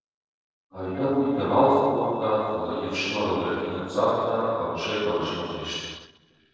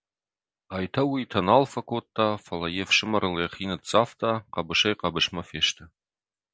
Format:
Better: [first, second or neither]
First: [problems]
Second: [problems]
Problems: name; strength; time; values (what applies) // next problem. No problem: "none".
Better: second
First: noise reduction (neural separator model SepFormer DNS4)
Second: none